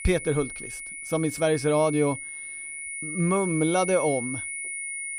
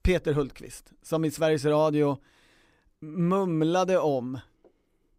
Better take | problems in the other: second | high-pitched whine; loud; throughout; 2 kHz, 7 dB below the speech

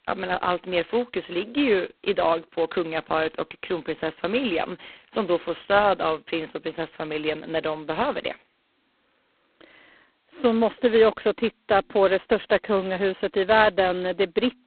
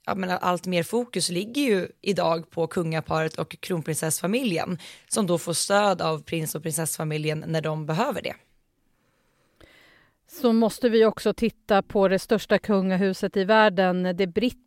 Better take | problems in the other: second | phone-call audio; poor line; nothing above 4 kHz

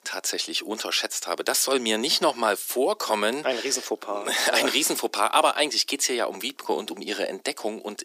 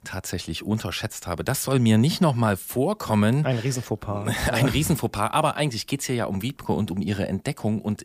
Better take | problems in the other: second | thin; very; fading below 300 Hz

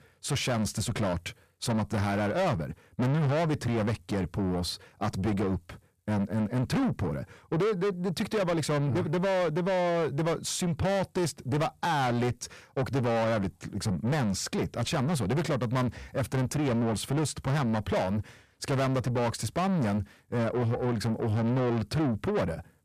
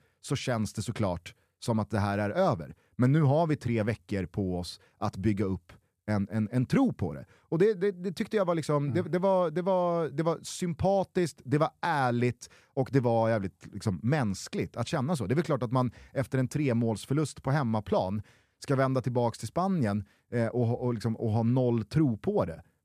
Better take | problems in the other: second | distortion; heavy; 7 dB below the speech

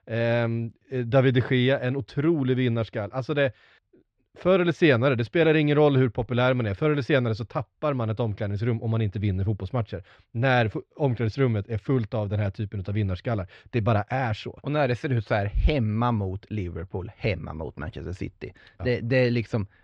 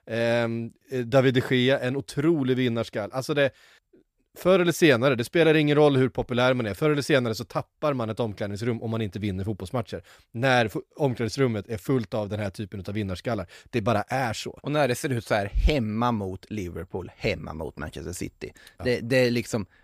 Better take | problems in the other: second | muffled; slightly; fading above 3.5 kHz

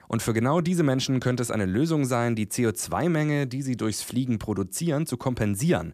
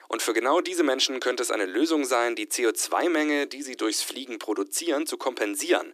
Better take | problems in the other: first | thin; somewhat; fading below 300 Hz

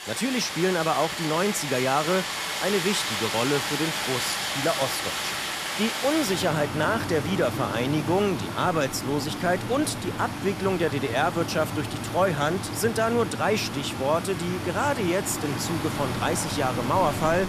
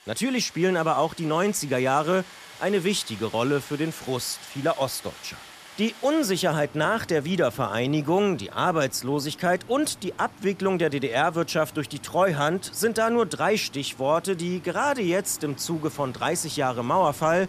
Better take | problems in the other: second | rain or running water; loud; throughout; 4 dB below the speech; faint in the second

